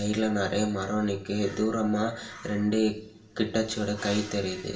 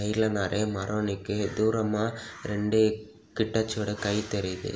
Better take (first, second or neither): second